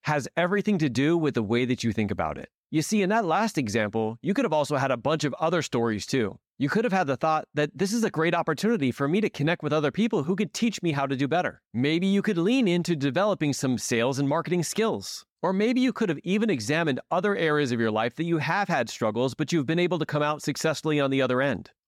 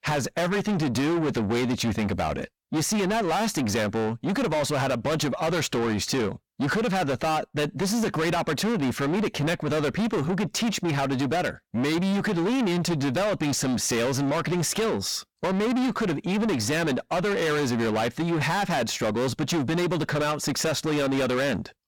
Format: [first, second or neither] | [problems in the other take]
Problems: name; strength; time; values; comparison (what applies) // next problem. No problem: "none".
first | distortion; heavy; 6 dB below the speech